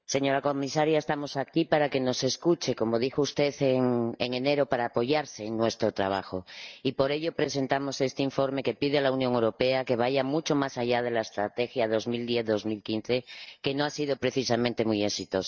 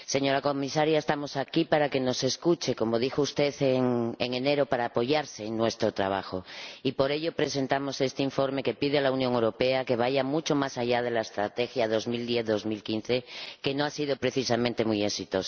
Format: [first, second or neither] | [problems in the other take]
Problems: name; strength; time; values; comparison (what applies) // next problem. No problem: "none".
second | noise reduction (neural mask model DeepFilterNet 3)